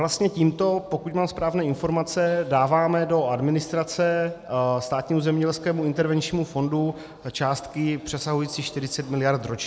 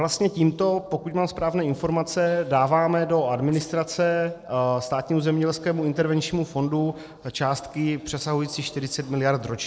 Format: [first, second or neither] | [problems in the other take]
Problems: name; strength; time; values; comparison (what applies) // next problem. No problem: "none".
first | noise reduction (neural separator model SepFormer DNS4)